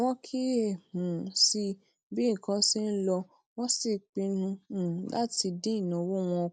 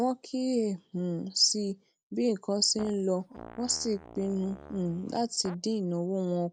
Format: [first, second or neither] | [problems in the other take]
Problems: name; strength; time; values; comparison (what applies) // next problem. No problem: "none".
first | background sound (Fart); 18 dB below the speech